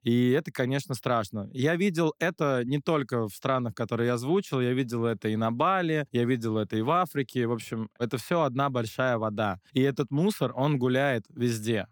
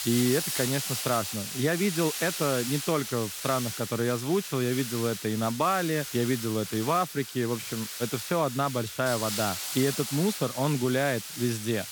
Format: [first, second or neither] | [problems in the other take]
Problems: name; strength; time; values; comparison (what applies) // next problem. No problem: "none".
first | hiss; loud; throughout; 5 dB below the speech